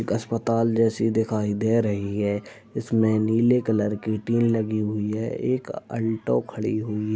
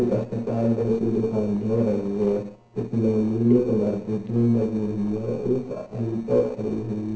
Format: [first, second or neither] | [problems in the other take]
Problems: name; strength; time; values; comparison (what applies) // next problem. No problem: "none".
first | noise reduction (neural separator model SepFormer DNS4)